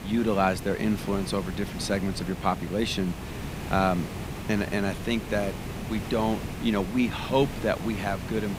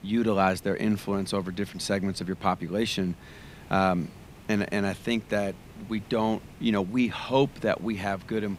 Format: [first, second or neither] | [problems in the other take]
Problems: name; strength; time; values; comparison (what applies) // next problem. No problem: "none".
second | hiss; loud; throughout; 8 dB below the speech; faint in the second